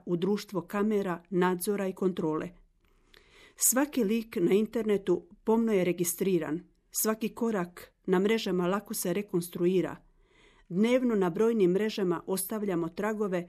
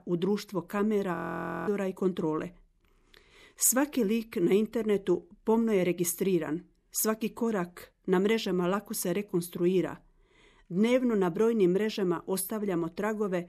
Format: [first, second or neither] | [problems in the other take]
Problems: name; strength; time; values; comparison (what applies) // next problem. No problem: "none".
first | audio freezing; at 1 s for 0.5 s